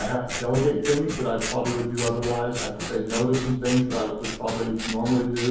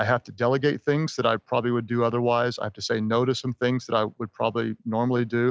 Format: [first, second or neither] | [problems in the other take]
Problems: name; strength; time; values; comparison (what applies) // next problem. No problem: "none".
second | background sound (Scissors); 9 dB below the speech // room echo; dies away in 2.2 s